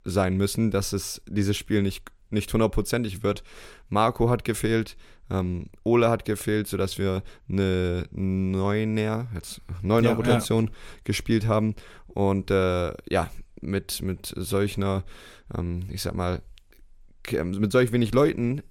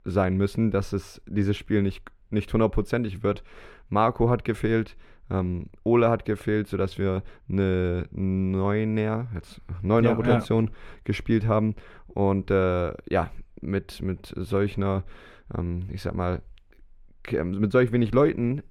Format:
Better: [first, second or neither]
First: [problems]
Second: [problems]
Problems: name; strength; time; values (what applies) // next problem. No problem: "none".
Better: first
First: none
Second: muffled; slightly; fading above 4 kHz